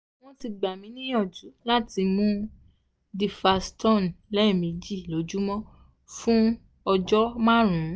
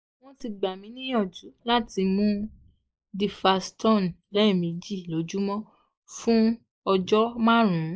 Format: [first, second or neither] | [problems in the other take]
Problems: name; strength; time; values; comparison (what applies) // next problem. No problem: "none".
first | noise reduction (neural mask model Resemble Enhance denoiser)